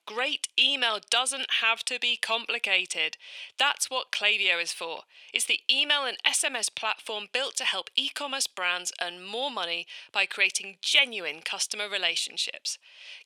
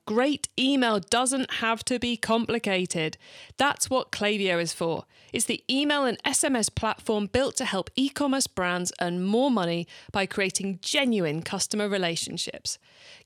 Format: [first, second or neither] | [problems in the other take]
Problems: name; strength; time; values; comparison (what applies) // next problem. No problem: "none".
second | thin; very; fading below 700 Hz